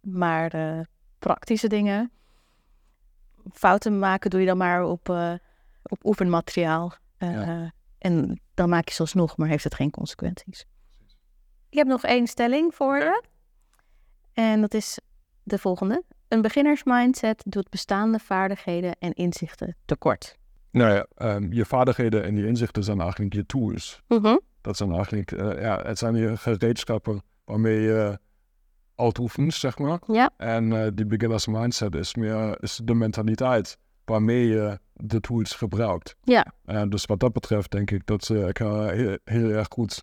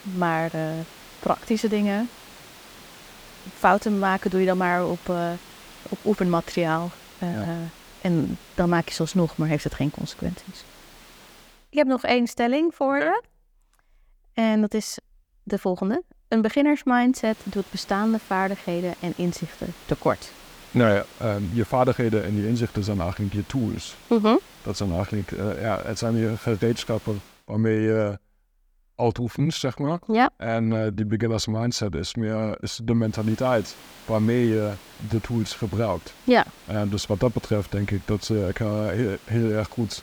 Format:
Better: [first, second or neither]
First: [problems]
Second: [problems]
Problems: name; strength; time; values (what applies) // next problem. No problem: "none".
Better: first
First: none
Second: hiss; faint; until 12 s, from 17 to 27 s and from 33 s on; 20 dB below the speech